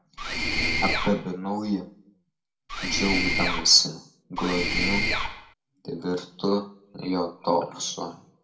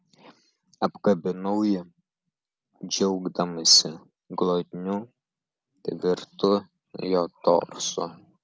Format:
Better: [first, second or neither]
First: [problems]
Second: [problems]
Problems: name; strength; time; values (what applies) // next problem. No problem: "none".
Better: second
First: background sound (Mechanisms); 2 dB above the speech // room echo; dies away in 0.3 s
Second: none